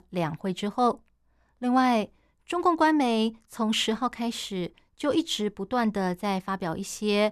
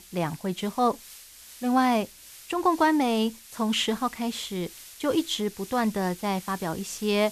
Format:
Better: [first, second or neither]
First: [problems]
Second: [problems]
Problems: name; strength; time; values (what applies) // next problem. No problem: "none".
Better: first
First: none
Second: hiss; noticeable; throughout; 15 dB below the speech